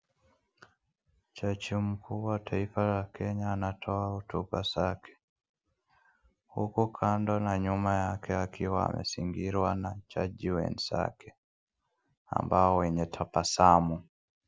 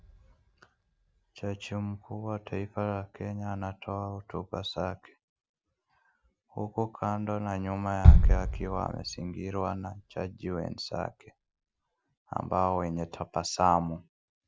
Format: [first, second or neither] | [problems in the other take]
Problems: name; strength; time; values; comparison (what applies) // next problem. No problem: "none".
first | background sound (Bass drum); 3 dB above the speech